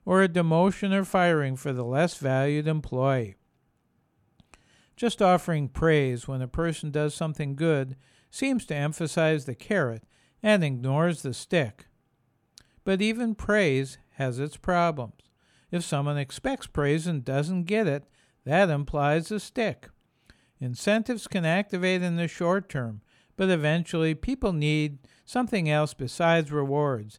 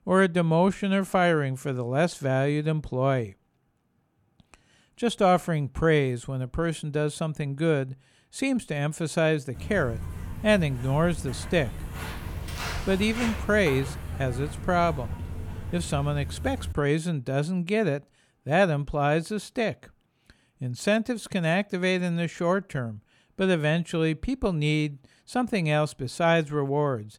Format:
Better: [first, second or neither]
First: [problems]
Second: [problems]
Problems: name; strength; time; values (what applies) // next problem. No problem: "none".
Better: first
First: none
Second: footsteps; noticeable; from 9.5 to 17 s; peak 6 dB below the speech